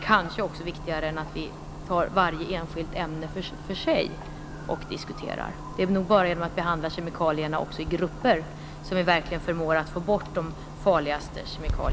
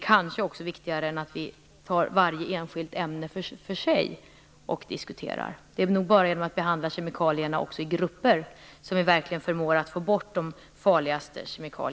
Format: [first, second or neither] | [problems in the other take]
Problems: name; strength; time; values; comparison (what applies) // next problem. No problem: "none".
second | background sound (Clock); 9 dB below the speech